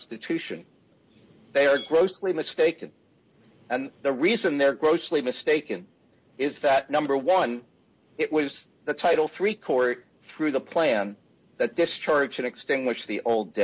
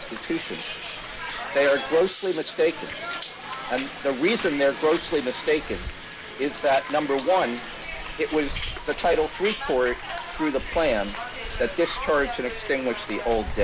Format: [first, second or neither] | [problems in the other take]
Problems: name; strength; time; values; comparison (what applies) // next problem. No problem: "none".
first | background sound (Hiss); 8 dB below the speech